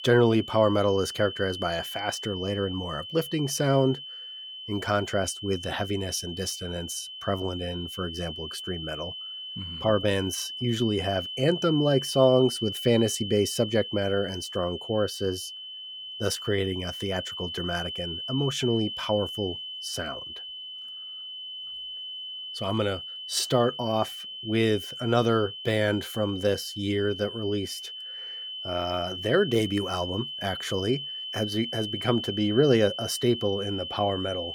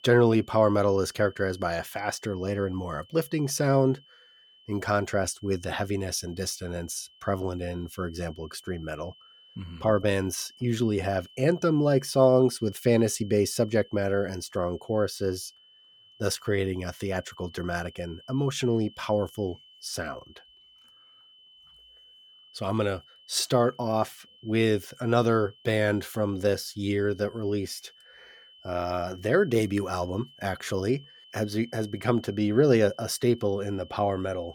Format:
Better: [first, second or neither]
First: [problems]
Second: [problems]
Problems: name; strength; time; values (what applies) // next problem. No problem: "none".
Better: second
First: high-pitched whine; loud; throughout; 3 kHz, 8 dB below the speech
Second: high-pitched whine; faint; throughout; 3 kHz, 25 dB below the speech